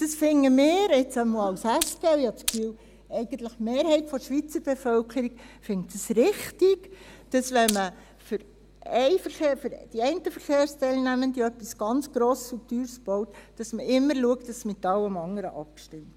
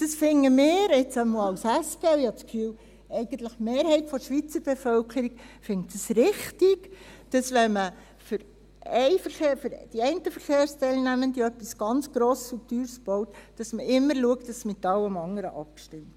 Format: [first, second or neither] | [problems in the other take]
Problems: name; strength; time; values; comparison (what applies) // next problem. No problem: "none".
second | background sound (Glass); 7 dB below the speech